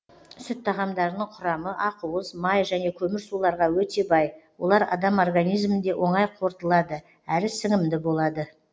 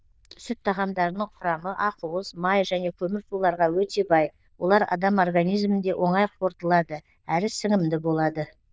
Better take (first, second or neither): first